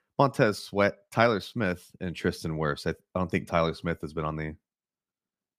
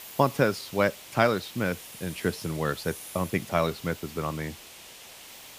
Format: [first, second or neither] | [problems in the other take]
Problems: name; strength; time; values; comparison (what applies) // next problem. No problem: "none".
first | hiss; noticeable; throughout; 15 dB below the speech